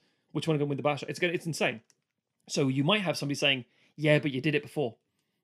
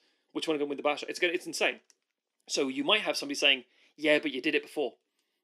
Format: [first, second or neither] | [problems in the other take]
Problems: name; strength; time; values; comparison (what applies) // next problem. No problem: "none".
first | thin; very slightly; fading below 300 Hz